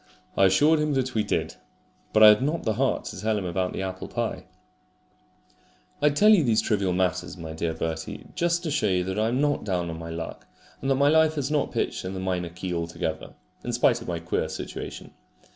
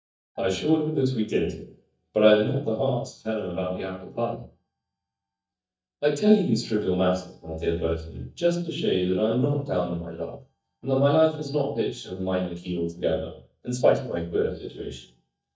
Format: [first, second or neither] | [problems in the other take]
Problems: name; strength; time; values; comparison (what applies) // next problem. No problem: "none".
first | noise reduction (neural mask model DeepFilterNet 3)